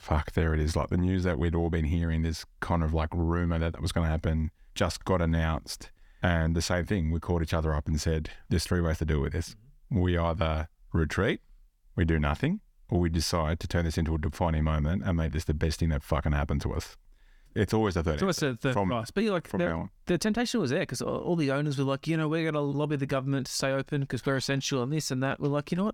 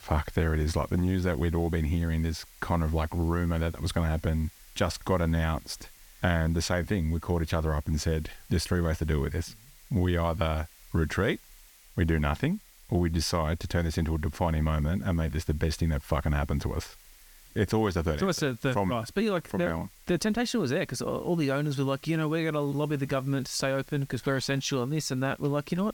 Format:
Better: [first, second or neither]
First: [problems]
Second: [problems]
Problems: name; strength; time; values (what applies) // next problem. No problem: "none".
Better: first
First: none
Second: hiss; faint; throughout; 25 dB below the speech